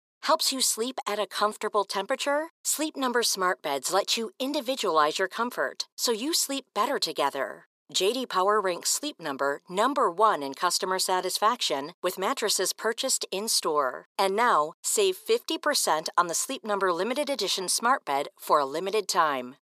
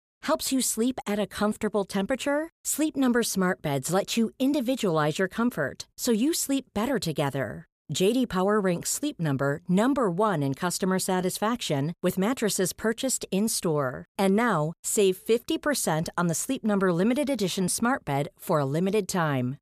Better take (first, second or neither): second